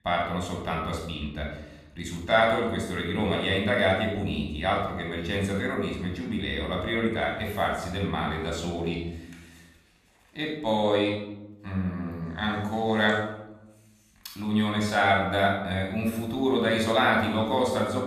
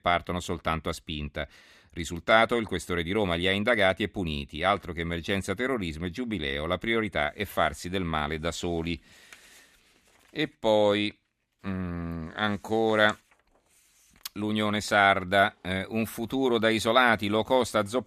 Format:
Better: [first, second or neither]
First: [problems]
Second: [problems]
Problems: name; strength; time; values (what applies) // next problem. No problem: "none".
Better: second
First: off-mic speech; somewhat distant // room echo; noticeable; dies away in 0.8 s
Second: none